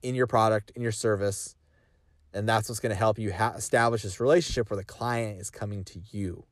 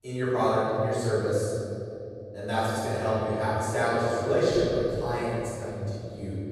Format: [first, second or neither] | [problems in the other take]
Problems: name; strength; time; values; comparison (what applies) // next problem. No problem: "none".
first | off-mic speech; far // room echo; strong; dies away in 2.6 s